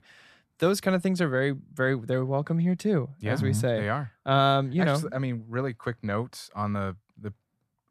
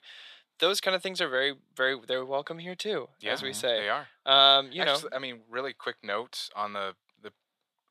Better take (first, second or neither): first